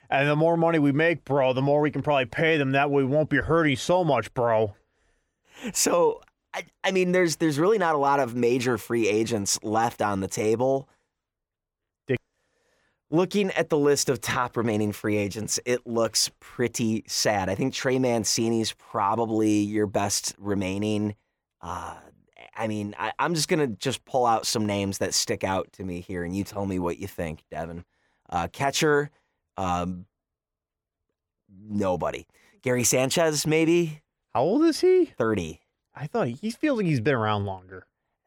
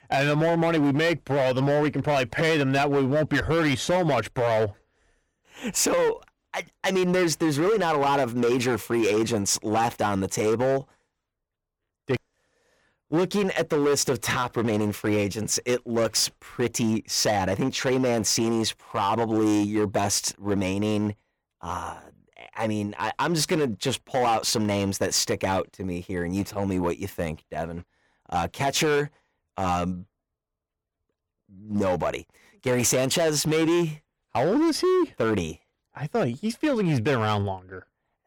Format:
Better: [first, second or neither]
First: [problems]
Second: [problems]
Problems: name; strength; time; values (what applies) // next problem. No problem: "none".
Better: first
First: none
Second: distortion; slight; 11% of the sound clipped